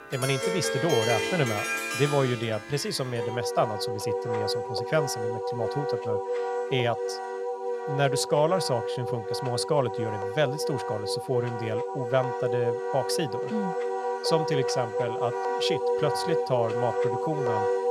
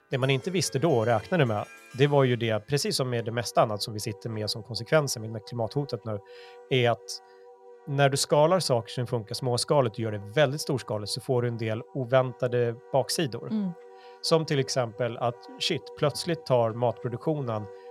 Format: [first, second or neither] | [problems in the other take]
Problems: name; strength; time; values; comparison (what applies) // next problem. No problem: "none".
second | background music; loud; throughout; 1 dB below the speech; faint in the second